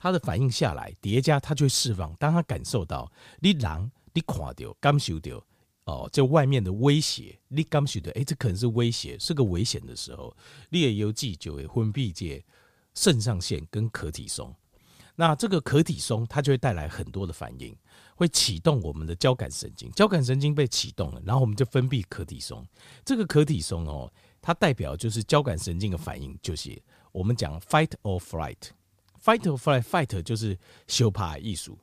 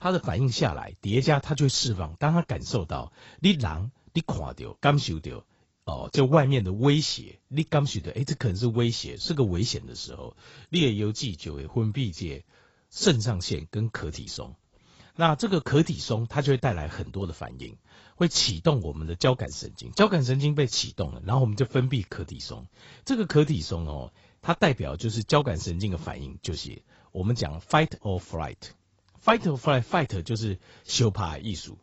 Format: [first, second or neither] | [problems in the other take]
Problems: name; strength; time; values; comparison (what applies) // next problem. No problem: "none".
first | garbled, watery; badly; nothing above 7.5 kHz